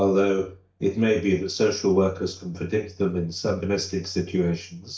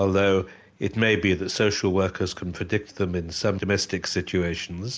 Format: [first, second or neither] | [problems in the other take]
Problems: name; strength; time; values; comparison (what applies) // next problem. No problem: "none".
second | noise reduction (neural mask model DeepFilterNet 3)